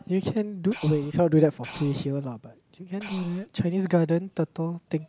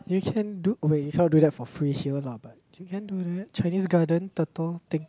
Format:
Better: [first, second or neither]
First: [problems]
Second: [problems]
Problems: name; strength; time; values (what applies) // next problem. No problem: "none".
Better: second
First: background sound (Breathing); 17 dB below the speech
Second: none